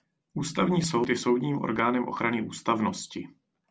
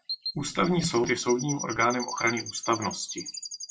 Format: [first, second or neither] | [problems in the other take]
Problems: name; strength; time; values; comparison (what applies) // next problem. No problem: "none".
first | noise reduction (classical method WPE with log-MMSE)